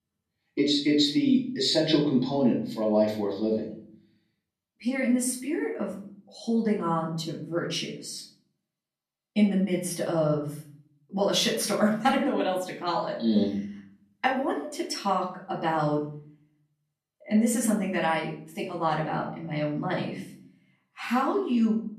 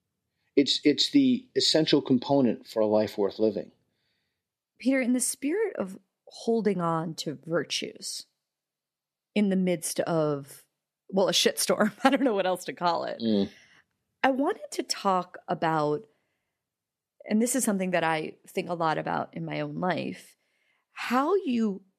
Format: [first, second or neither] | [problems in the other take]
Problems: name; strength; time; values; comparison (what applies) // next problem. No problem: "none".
second | off-mic speech; far // room echo; slight; dies away in 0.5 s